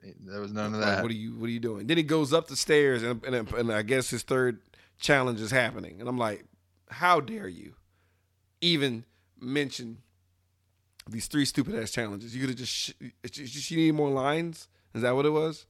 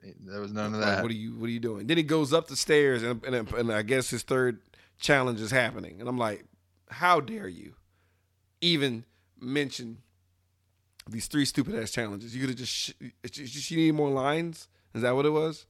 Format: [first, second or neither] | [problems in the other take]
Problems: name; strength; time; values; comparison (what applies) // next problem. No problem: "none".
neither | none